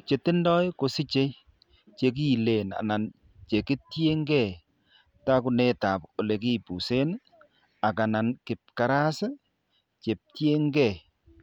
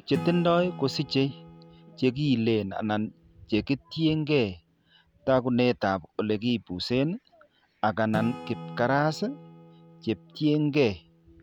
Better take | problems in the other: first | background sound (Acoustic guitar / Strum); 16 dB below the speech

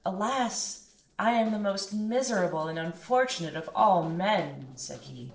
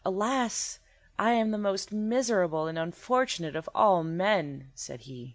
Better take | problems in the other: second | noise reduction (neural separator model SepFormer DNS4)

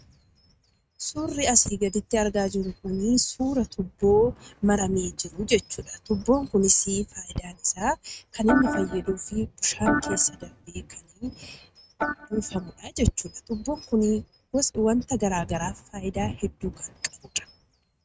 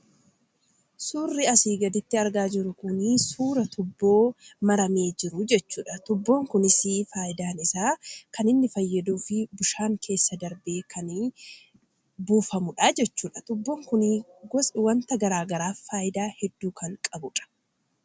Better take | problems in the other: second | noise reduction (neural mask model RNNoise)

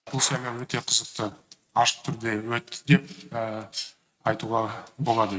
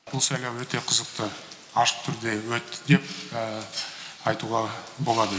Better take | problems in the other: second | noise reduction (neural mask model RNNoise)

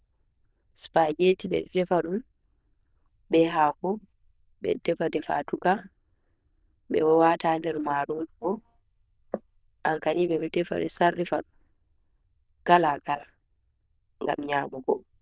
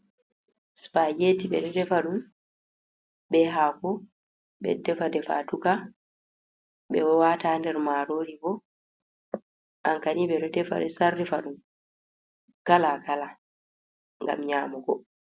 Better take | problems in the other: second | noise reduction (neural diffusion model UNIVERSE++)

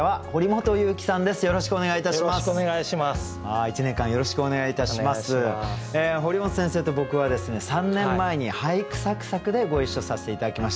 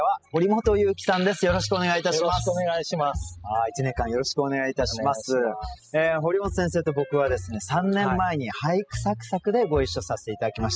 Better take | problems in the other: first | noise reduction (classical method spectral subtraction)

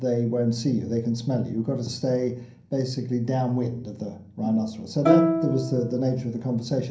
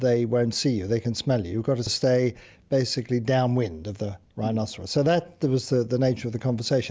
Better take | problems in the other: second | background sound (Plucked string instrument); 1 dB above the speech // room echo; dies away in 0.6 s

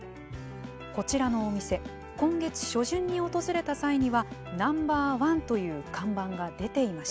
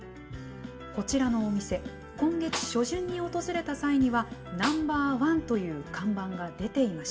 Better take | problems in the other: first | background sound (Snare drum); 11 dB below the speech // room echo; dies away in 1 s

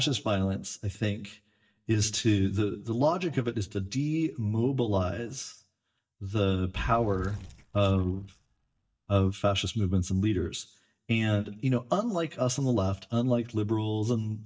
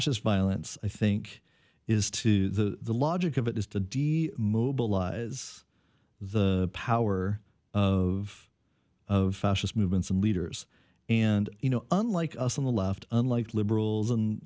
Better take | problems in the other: second | noise reduction (neural mask model DeepFilterNet 3)

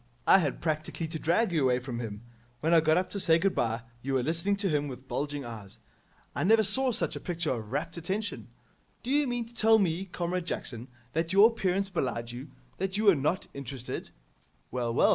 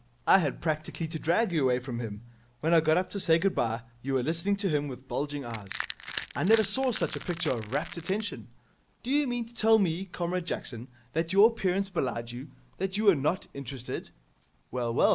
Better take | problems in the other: first | background sound (Crushing); 12 dB below the speech

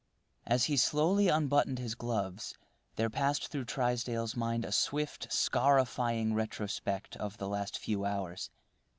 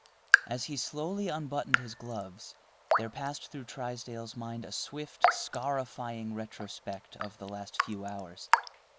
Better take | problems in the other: first | background sound (Raindrop / Drip); 4 dB above the speech

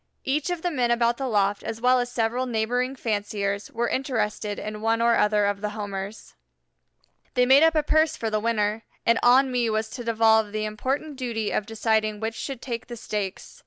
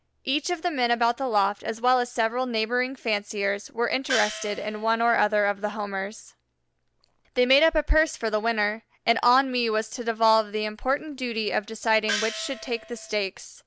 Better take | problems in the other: first | background sound (Gong); 8 dB below the speech

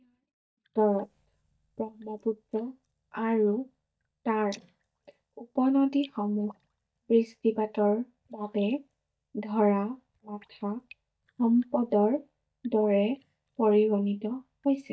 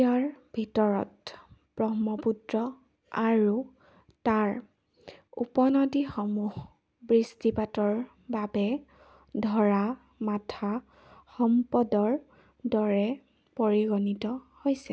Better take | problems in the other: second | noise reduction (neural mask model DeepFilterNet 3)

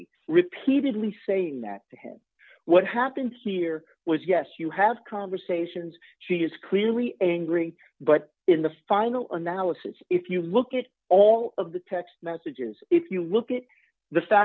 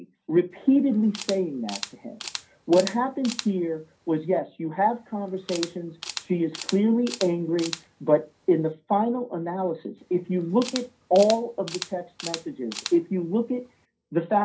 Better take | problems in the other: first | background sound (Camera); 14 dB below the speech // room echo; dies away in 0.3 s

